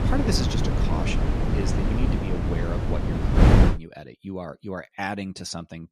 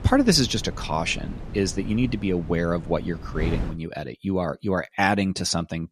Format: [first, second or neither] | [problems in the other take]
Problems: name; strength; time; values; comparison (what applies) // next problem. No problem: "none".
second | wind noise on the microphone; heavy; until 3.5 s; 4 dB above the speech; occasional gusts in the second